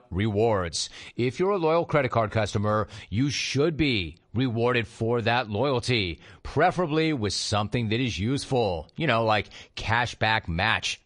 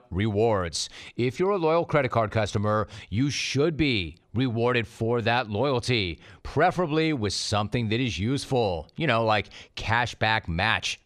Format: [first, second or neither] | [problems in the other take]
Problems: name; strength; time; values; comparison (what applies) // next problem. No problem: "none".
second | garbled, watery; slightly; nothing above 10 kHz